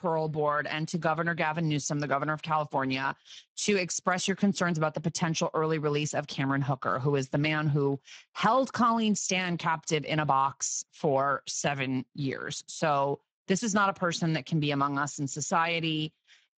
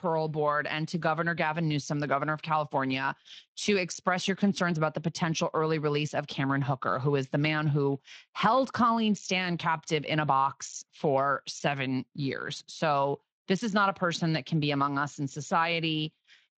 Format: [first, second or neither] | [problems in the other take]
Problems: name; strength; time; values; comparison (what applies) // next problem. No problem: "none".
second | garbled, watery; badly; nothing above 7.5 kHz; slightly in the second